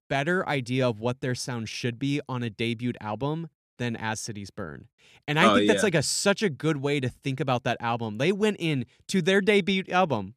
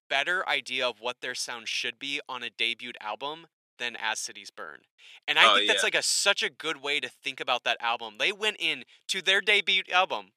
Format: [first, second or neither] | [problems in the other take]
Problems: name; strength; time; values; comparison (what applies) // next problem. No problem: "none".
first | thin; very; fading below 700 Hz